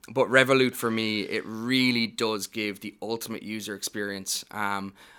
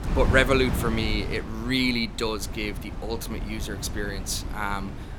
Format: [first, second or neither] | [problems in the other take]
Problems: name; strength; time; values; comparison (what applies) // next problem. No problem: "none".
first | wind noise on the microphone; occasional gusts; 10 dB below the speech